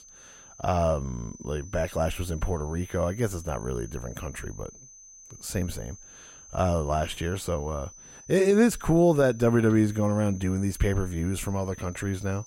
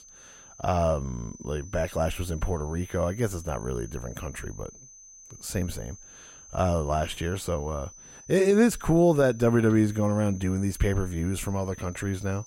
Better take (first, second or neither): neither